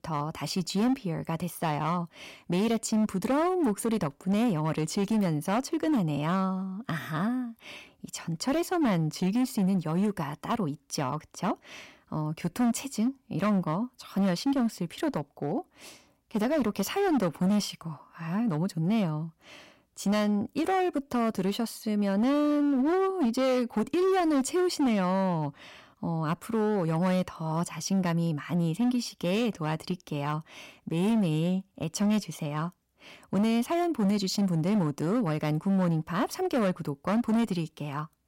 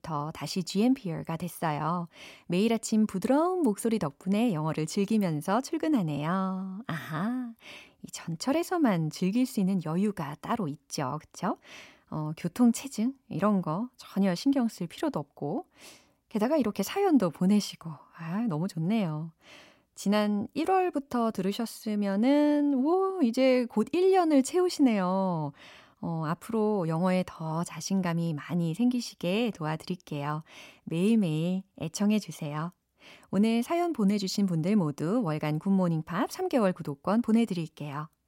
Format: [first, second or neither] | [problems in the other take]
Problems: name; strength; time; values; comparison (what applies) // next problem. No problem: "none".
second | distortion; slight; 11% of the sound clipped